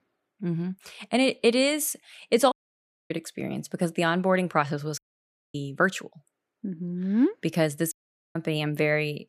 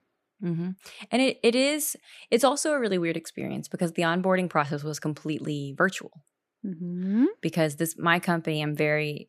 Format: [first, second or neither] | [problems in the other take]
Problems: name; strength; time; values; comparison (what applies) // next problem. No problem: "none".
second | audio cutting out; at 2.5 s for 0.5 s, at 5 s for 0.5 s and at 8 s